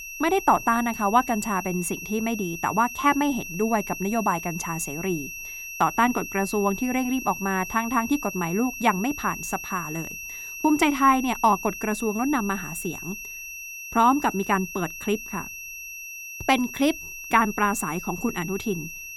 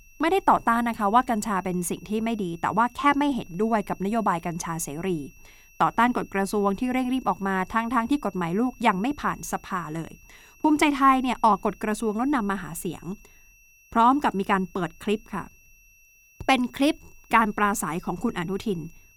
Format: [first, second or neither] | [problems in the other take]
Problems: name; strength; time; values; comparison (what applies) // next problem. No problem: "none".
second | high-pitched whine; loud; throughout; 2.5 kHz, 9 dB below the speech; faint in the second